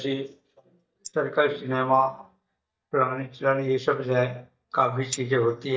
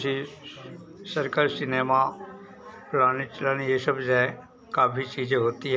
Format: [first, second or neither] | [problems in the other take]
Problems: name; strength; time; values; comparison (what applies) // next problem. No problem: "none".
second | noise reduction (neural mask model DeepFilterNet 3)